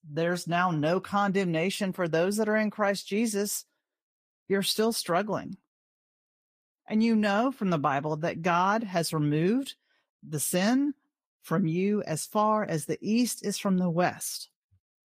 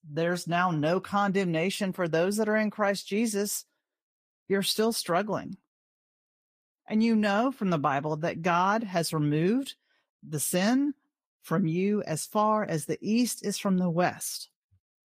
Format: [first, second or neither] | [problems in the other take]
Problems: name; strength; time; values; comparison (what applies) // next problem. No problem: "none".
neither | garbled, watery; slightly; nothing above 15 kHz; the same in both